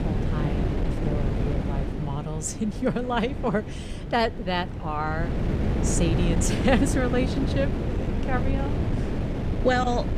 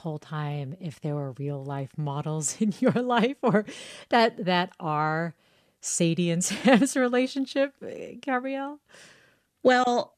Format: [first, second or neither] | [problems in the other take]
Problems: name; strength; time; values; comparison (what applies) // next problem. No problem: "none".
second | wind noise on the microphone; heavy; 6 dB below the speech